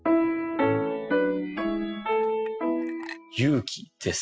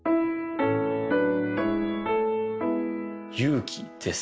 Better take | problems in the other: second | noise reduction (classical method spectral subtraction)

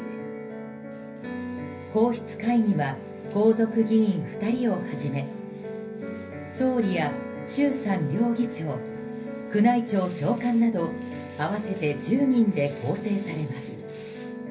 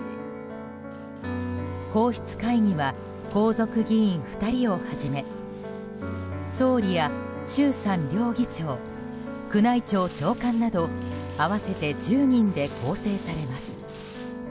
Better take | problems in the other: second | room echo; dies away in 0.3 s

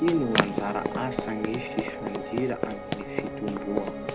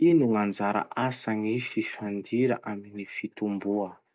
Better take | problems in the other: second | background sound (Run + Piano); as loud as the speech

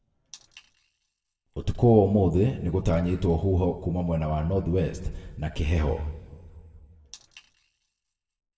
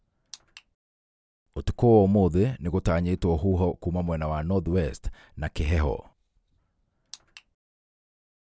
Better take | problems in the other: second | room echo; dies away in 1.5 s

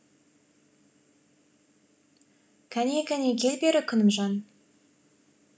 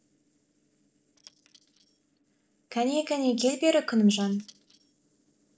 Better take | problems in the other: first | noise reduction (neural separator model SepFormer DNS4)

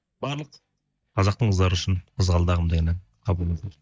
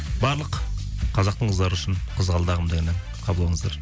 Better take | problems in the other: second | noise reduction (neural mask model DeepFilterNet 3)

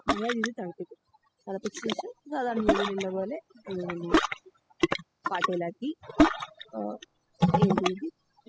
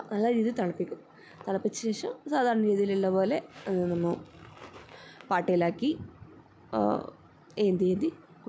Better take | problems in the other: second | noise reduction (classical method spectral subtraction)

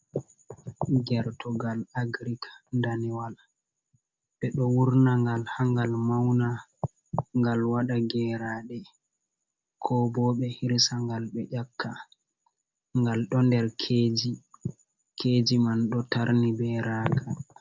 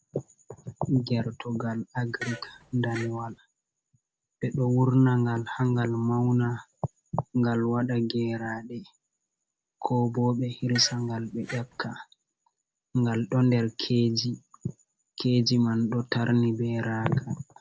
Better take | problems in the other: first | background sound (Fart); 15 dB below the speech

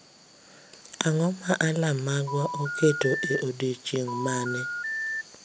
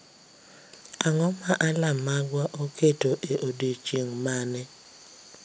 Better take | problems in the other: second | background sound (Telephone); 4 dB below the speech

